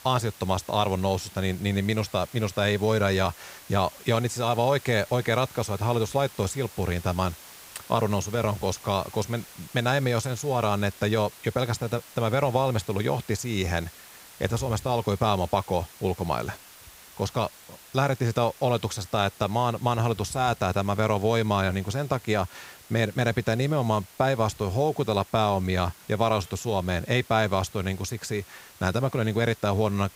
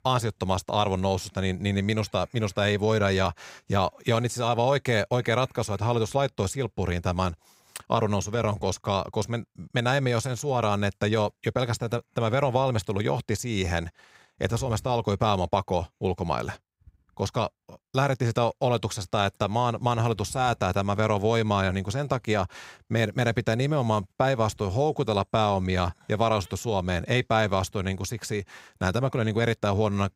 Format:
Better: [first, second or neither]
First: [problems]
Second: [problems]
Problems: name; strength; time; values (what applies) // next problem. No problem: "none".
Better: second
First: hiss; noticeable; throughout; 20 dB below the speech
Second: none